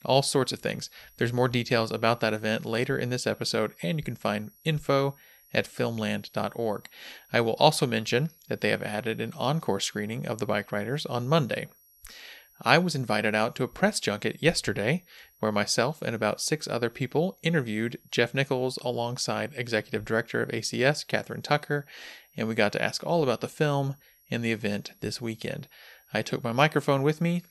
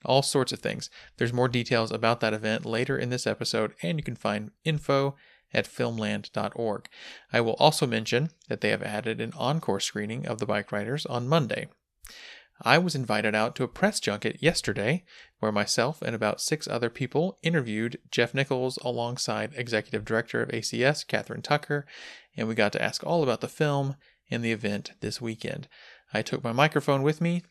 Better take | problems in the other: second | high-pitched whine; faint; throughout; 11.5 kHz, 30 dB below the speech

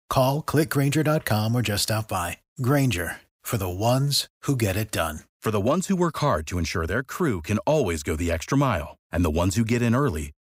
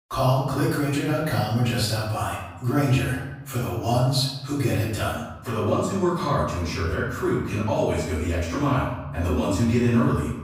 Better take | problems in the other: first | off-mic speech; far // room echo; noticeable; dies away in 0.9 s

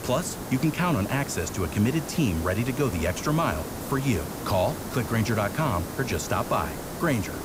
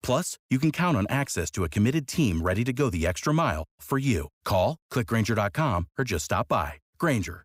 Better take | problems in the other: second | hiss; loud; throughout; 7 dB below the speech

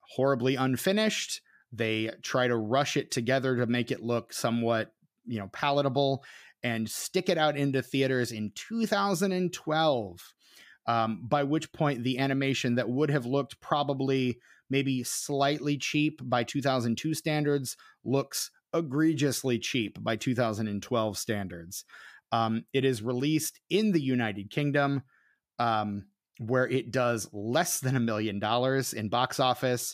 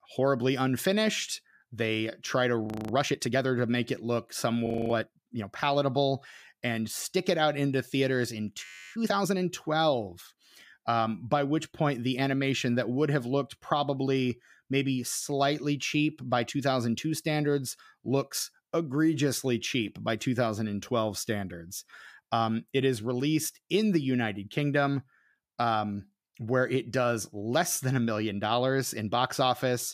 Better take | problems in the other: first | audio freezing; at 2.5 s, at 4.5 s and at 8.5 s

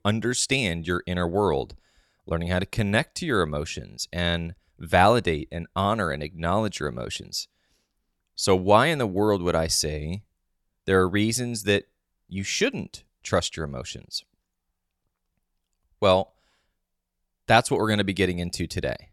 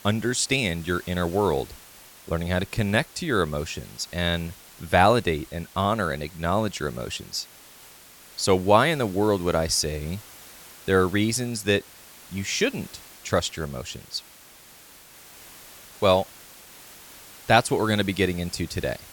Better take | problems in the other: first | hiss; faint; throughout; 20 dB below the speech

